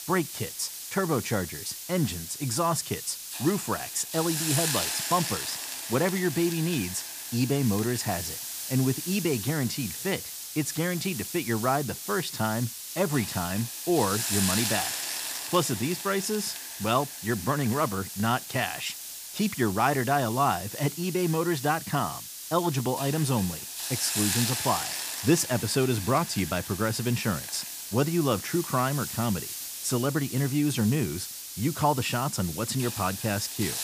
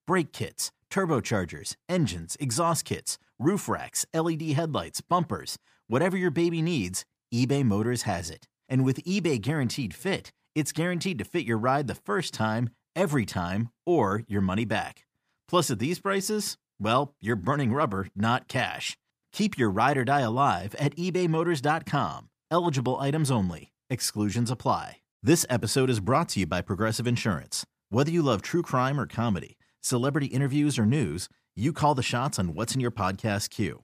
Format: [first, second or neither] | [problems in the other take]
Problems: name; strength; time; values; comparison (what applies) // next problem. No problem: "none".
second | hiss; loud; throughout; 5 dB below the speech